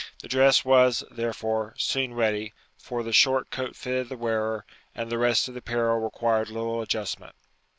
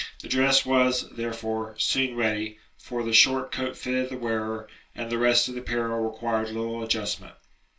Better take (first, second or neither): first